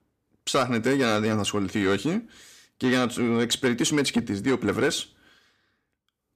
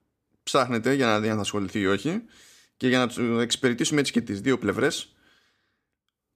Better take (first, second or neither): second